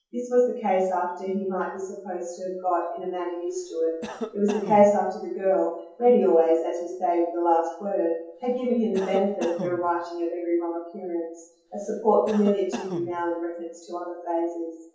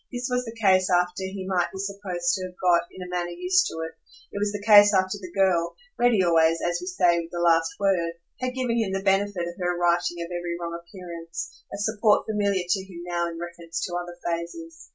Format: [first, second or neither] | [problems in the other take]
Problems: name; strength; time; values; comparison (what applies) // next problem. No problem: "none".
second | background sound (Cough); 13 dB below the speech // room echo; dies away in 0.7 s